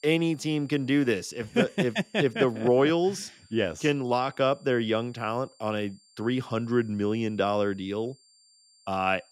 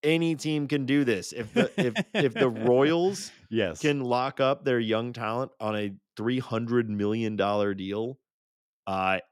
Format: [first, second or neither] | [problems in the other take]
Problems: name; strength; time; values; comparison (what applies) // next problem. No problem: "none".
second | high-pitched whine; faint; throughout; 4.5 kHz, 30 dB below the speech